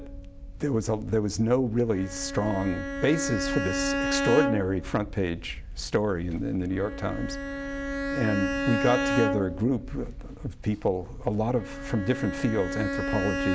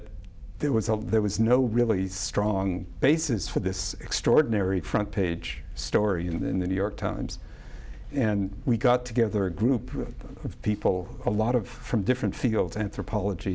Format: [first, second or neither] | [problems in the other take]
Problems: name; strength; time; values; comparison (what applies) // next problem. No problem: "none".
second | background sound (Bowed string instrument); 4 dB below the speech